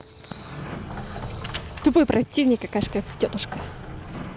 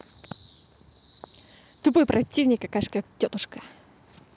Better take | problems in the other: second | background sound (Sliding door); 10 dB below the speech

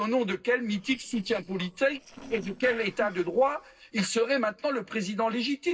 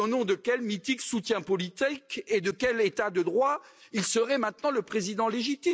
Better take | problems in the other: second | noise reduction (neural separator model SepFormer DNS4)

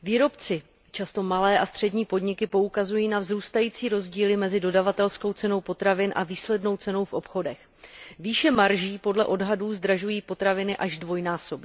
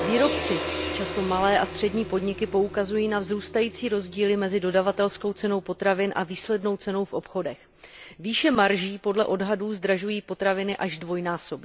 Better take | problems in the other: first | background sound (Gong); 11 dB below the speech

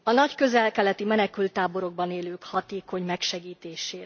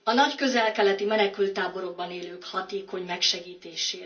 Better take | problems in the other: first | room echo; dies away in 0.3 s

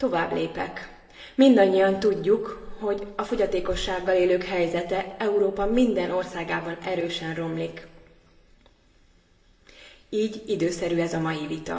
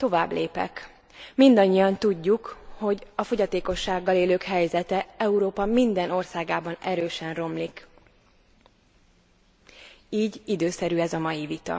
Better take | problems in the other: second | room echo; dies away in 1.5 s

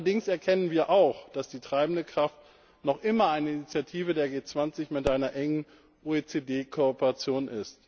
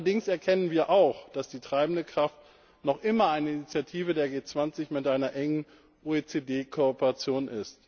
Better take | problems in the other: second | background sound (Explosion); 14 dB below the speech

